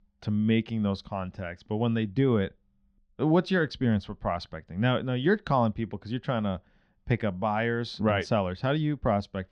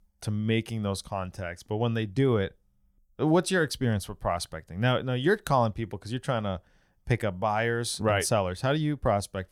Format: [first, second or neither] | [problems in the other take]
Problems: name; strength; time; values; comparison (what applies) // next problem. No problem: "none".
second | muffled; very slightly; fading above 4 kHz